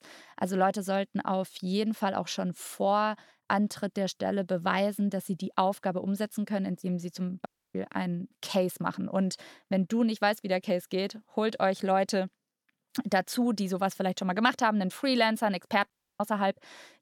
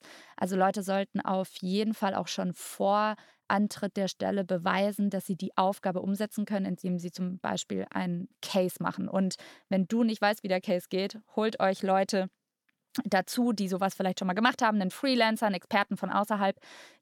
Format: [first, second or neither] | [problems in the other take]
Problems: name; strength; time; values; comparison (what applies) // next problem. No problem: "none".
second | audio cutting out; at 7.5 s and at 16 s